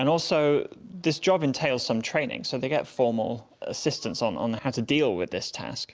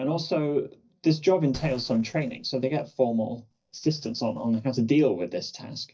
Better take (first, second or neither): first